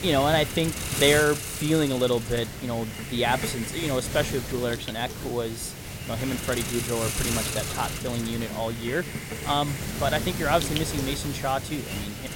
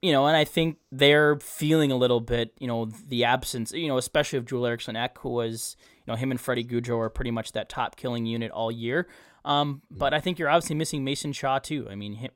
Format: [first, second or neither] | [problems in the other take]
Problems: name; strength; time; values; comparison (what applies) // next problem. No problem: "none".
second | hiss; loud; throughout; 4 dB below the speech